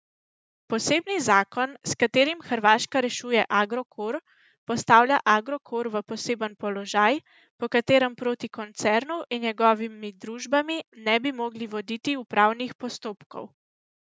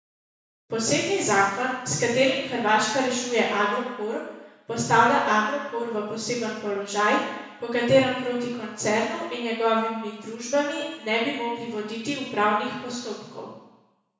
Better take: first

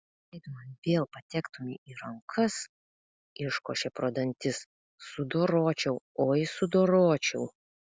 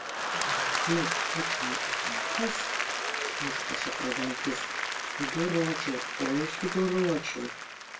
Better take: first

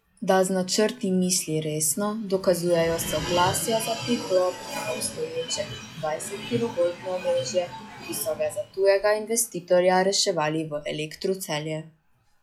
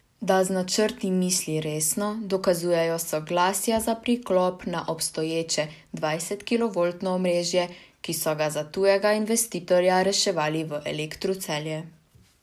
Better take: second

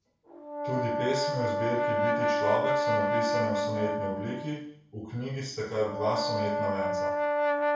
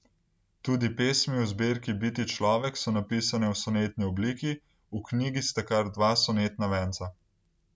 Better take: second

